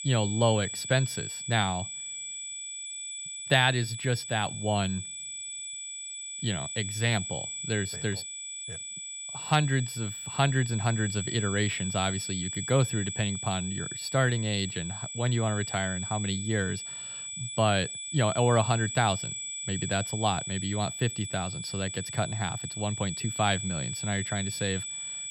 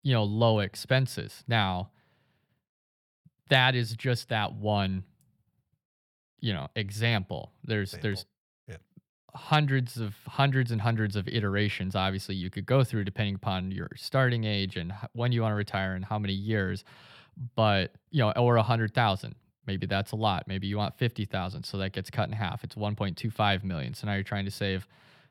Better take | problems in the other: second | high-pitched whine; loud; throughout; 8 kHz, 5 dB below the speech

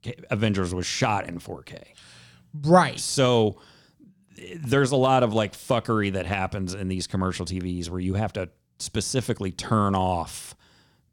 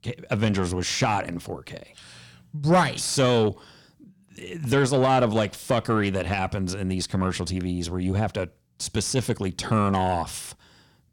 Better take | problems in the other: first | distortion; slight; 10 dB below the speech

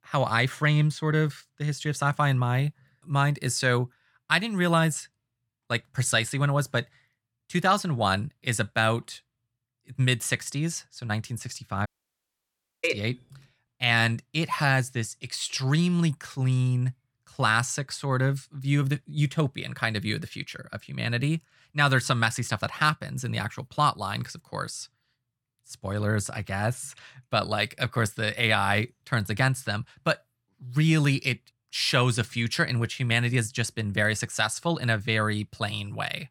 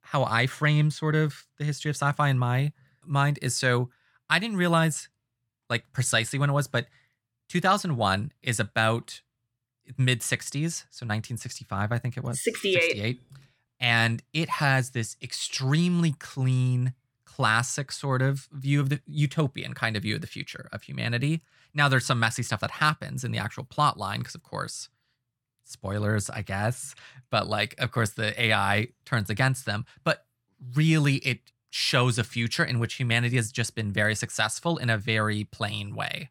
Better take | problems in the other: second | audio cutting out; at 12 s for 1 s

